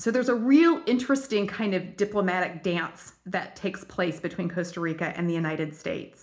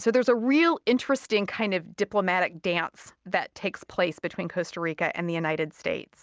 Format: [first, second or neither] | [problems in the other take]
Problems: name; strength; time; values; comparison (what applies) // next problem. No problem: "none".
second | room echo; dies away in 0.4 s